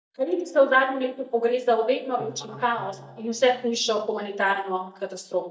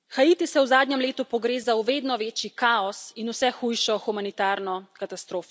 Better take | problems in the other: second | noise reduction (neural mask model DeepFilterNet 3)

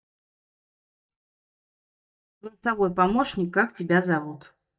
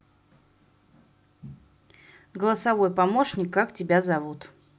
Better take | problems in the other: second | noise reduction (neural mask model DeepFilterNet 3)

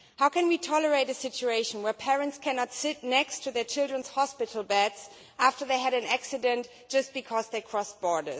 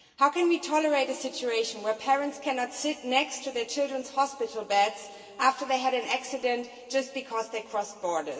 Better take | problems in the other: first | room echo; dies away in 2.5 s

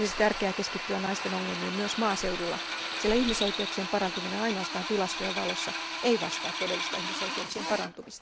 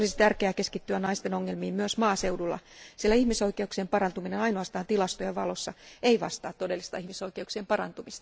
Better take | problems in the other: second | background sound (Drill); 3 dB below the speech

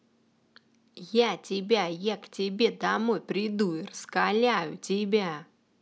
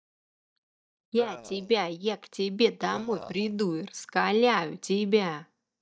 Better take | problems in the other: first | noise reduction (neural mask model DeepFilterNet 3)

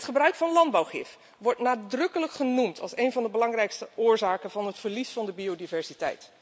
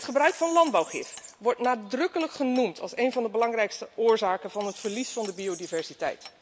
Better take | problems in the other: first | background sound (Hammer + Bird vocalization, bird call, bird song); 20 dB below the speech

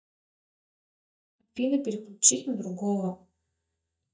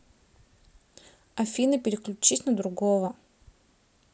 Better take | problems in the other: second | noise reduction (neural mask model DeepFilterNet 3)

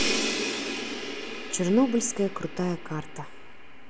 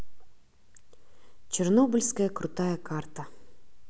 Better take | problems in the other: second | background sound (Crash cymbal); 4 dB below the speech

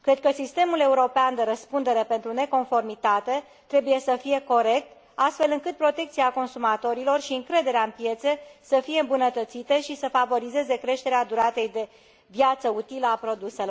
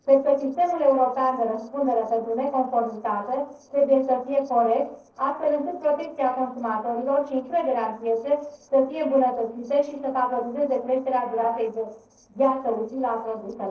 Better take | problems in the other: first | noise reduction (neural separator model SepFormer DNS4)

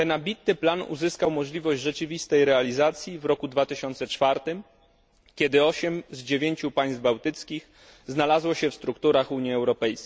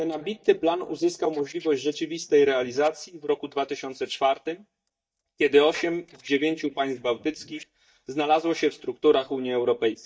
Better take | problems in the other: first | noise reduction (neural mask model DeepFilterNet 3)

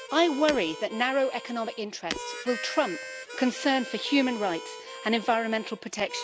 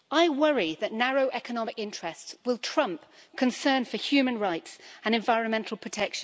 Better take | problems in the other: second | background sound (Harmonica + Shatter); 11 dB below the speech

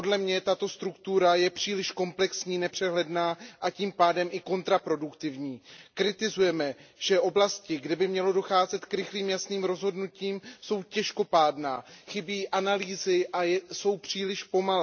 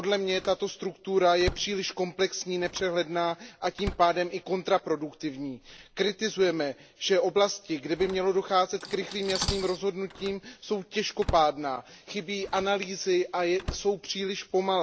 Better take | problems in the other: first | background sound (Cutlery, silverware + Slam); 14 dB below the speech

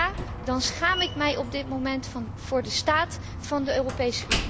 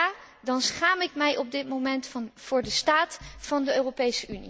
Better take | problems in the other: second | background sound (Slam); 6 dB below the speech

